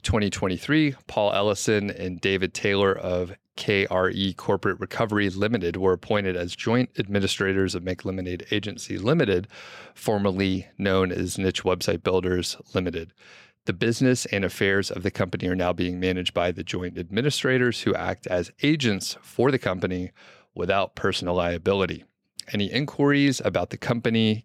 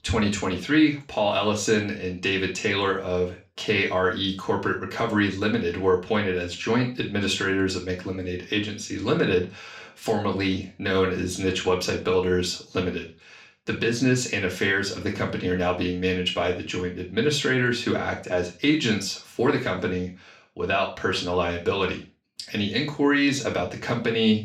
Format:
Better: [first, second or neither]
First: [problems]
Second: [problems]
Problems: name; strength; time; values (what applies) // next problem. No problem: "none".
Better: first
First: none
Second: room echo; slight; dies away in 0.3 s // off-mic speech; far